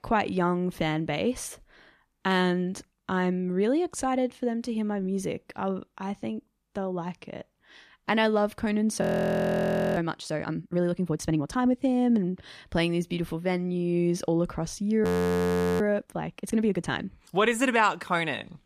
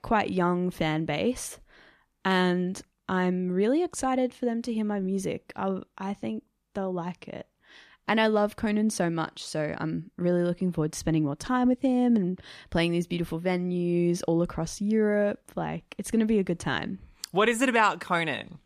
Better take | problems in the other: second | audio freezing; at 9 s for 1 s and at 15 s for 1 s

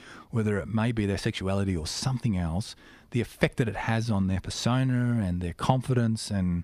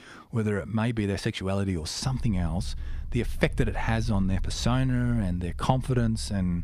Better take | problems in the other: first | low rumble; faint; from 2 s on; 25 dB below the speech

